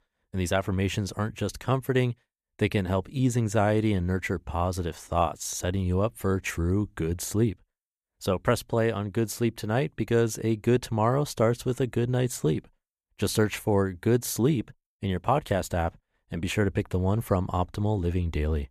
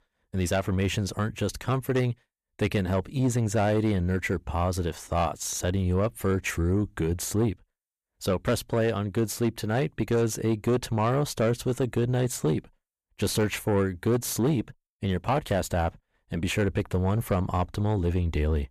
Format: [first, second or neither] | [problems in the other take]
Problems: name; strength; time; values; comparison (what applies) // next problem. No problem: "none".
first | distortion; slight; 10 dB below the speech